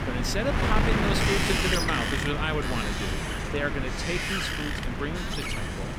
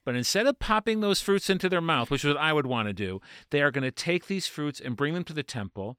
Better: second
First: wind noise on the microphone; heavy; 3 dB above the speech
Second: none

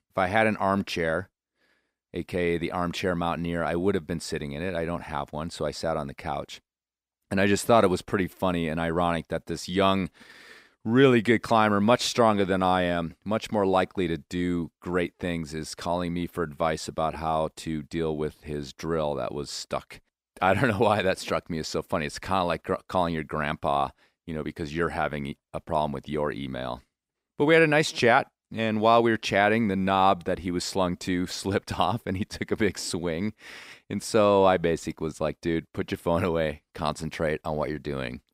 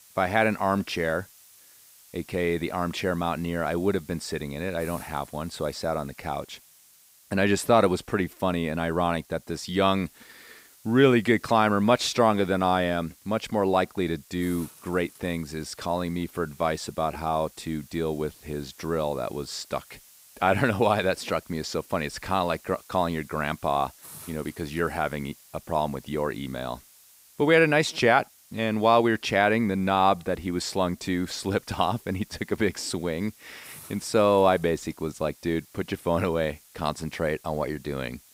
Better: first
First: none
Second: hiss; faint; throughout; 25 dB below the speech

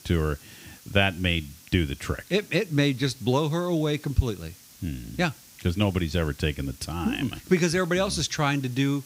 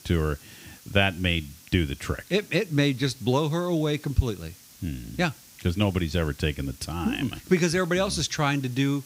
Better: neither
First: hiss; faint; throughout; 20 dB below the speech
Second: hiss; faint; throughout; 20 dB below the speech

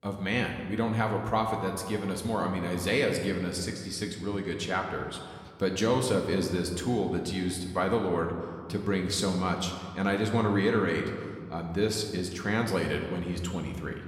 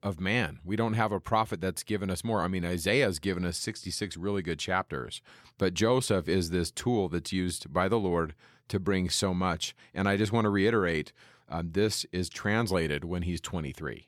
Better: second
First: room echo; slight; dies away in 1.5 s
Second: none

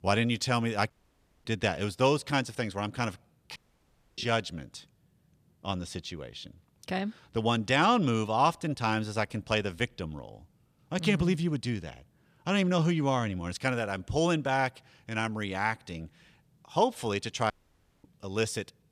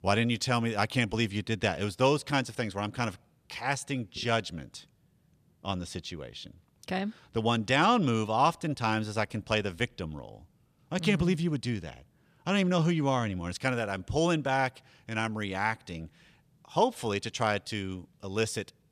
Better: second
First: audio cutting out; at 1 s for 0.5 s, at 3.5 s for 0.5 s and at 18 s for 0.5 s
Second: none

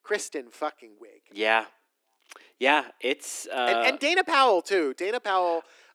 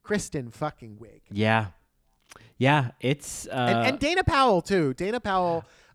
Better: second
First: thin; somewhat; fading below 300 Hz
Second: none

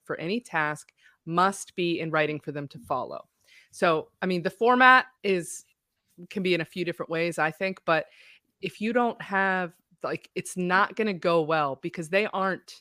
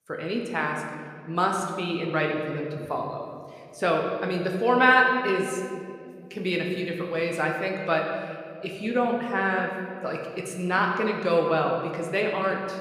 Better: first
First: none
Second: room echo; noticeable; dies away in 1.7 s

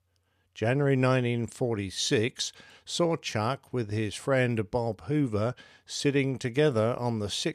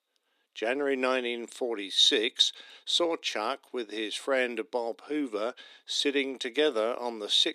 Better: first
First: none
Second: thin; somewhat; fading below 250 Hz

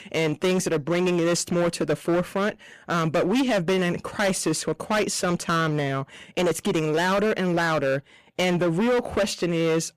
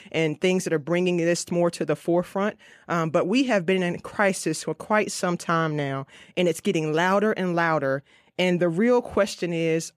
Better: second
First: distortion; heavy; 19% of the sound clipped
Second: none

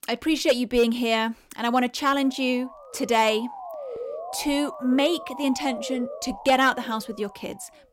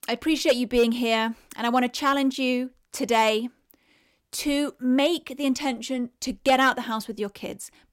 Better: second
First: siren; noticeable; from 2 s on; peak 9 dB below the speech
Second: none

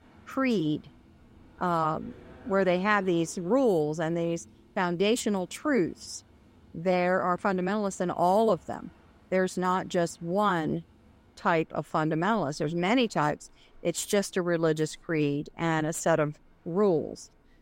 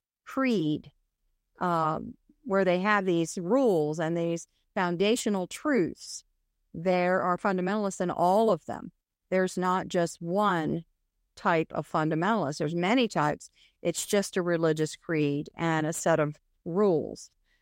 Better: second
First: train or aircraft noise; faint; throughout; 30 dB below the speech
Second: none

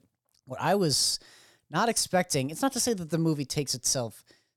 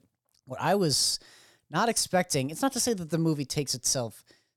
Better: neither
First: none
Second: none

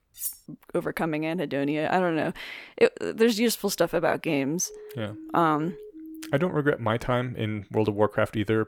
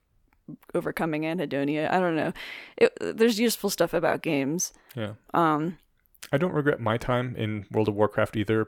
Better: second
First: clattering dishes; noticeable; at the start; peak 7 dB below the speech // siren; faint; from 4.5 to 6.5 s; peak 15 dB below the speech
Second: none

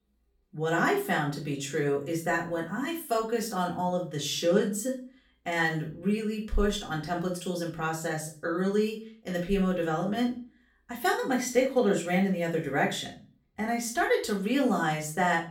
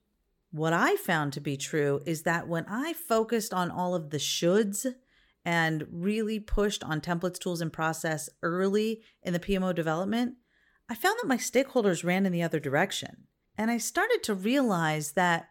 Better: second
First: room echo; slight; dies away in 0.3 s // off-mic speech; far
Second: none

